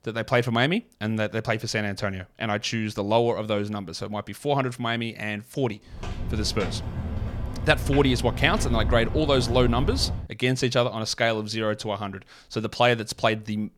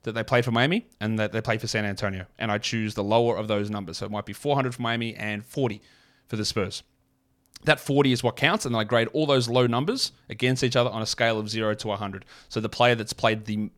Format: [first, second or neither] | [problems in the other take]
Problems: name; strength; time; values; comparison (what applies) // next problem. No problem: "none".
second | footsteps; noticeable; from 6 to 10 s; peak 3 dB below the speech